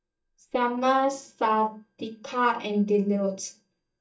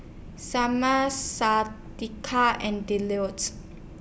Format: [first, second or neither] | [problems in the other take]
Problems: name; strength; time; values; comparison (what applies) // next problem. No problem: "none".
second | noise reduction (neural mask model DeepFilterNet 3)